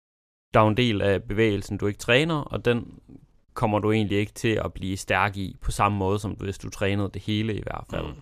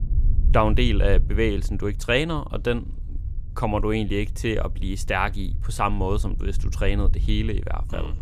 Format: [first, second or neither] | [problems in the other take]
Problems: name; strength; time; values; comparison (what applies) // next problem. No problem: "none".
first | low rumble; faint; throughout; 20 dB below the speech